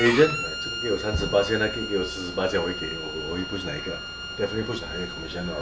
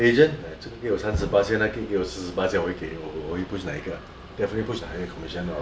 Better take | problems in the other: second | background sound (Bowed string instrument); 7 dB below the speech

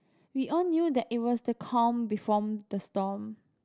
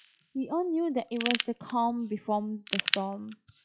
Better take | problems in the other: first | noise reduction (classical method log-MMSE)

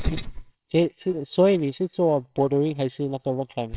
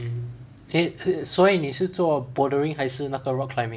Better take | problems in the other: second | noise reduction (neural separator model SepFormer WHAMR!)

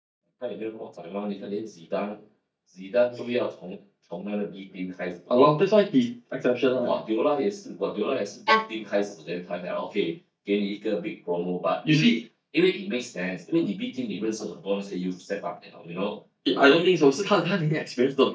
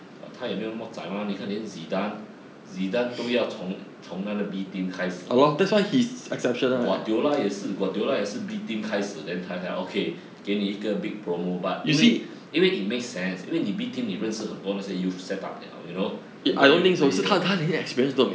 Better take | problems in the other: second | noise reduction (neural mask model DeepFilterNet 3)

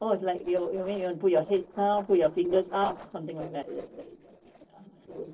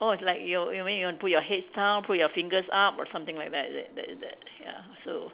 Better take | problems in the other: second | noise reduction (neural separator model SepFormer DNS4)

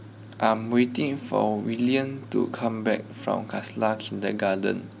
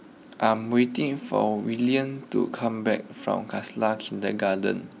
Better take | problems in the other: second | background sound (Tools); 19 dB below the speech

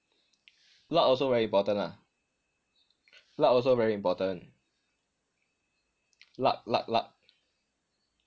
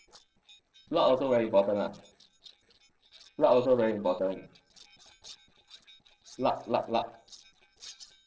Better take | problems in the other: first | noise reduction (neural separator model SepFormer DNS4)

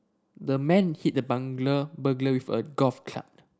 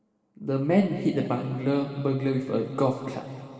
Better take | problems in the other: first | room echo; dies away in 2.4 s

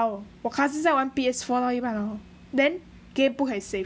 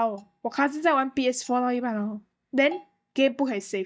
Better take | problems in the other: first | noise reduction (neural mask model DeepFilterNet 3)

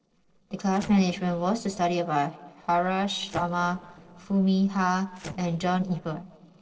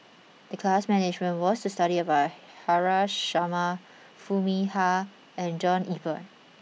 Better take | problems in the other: second | noise reduction (neural separator model SepFormer DNS4)

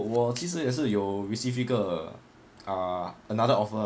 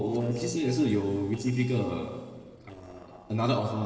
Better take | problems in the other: first | noise reduction (neural separator model SepFormer DNS4)

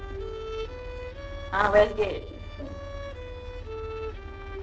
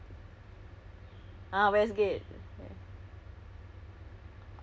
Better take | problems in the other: second | noise reduction (neural separator model SepFormer DNS4)

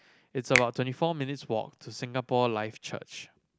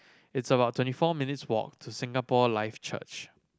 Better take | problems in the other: second | background sound (Finger snapping); 5 dB below the speech

